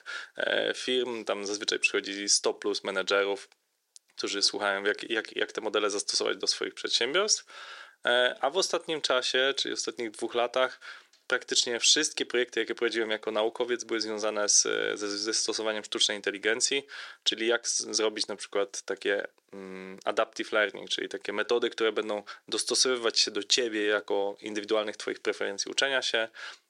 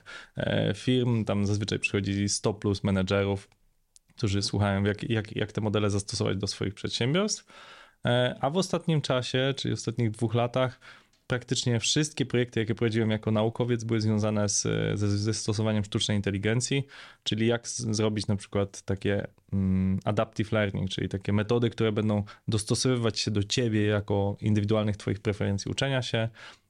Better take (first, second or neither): second